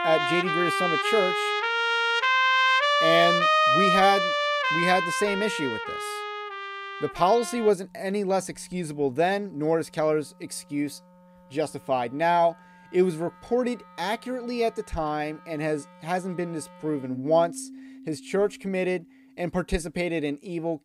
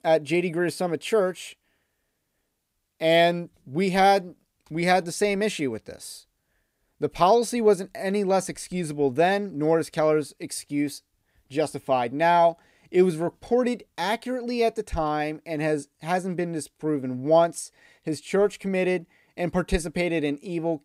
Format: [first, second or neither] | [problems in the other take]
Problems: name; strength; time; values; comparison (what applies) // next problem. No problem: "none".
second | background music; very loud; throughout; 3 dB above the speech